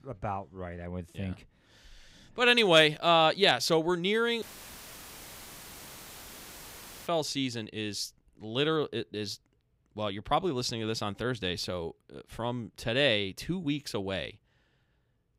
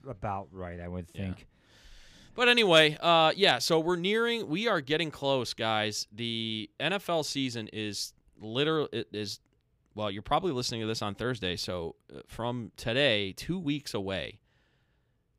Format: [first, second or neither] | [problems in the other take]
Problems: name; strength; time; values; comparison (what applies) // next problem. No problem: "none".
second | audio cutting out; filled with static; at 4.5 s for 2.5 s